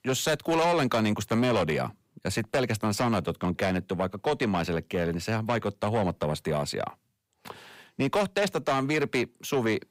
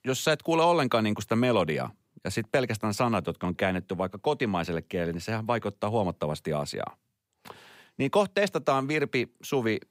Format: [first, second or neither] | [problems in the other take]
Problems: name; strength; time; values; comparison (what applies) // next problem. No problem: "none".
second | distortion; slight; 10 dB below the speech